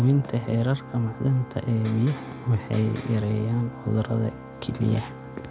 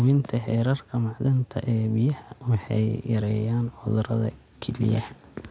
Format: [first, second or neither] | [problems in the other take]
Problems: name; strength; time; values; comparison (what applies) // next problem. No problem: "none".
second | background sound (Organ + Electric guitar); 14 dB below the speech